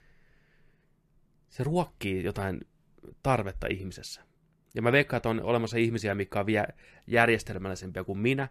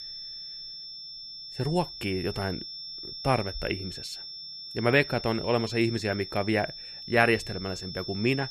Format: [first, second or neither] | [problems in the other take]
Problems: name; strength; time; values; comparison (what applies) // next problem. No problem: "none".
first | high-pitched whine; loud; throughout; 5.5 kHz, 9 dB below the speech